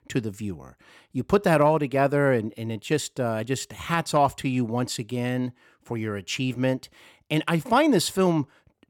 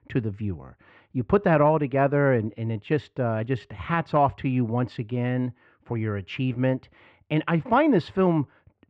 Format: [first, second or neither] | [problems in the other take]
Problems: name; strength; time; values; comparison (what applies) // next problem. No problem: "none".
first | muffled; very; fading above 2.5 kHz